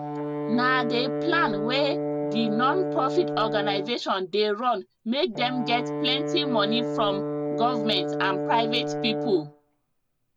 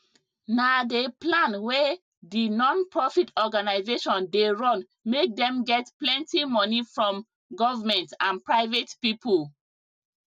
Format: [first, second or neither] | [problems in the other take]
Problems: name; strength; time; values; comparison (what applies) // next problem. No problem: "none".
second | background sound (Brass instrument); 3 dB below the speech